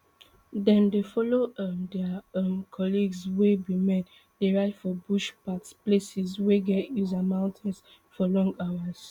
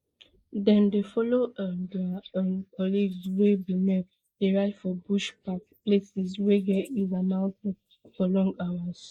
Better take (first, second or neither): first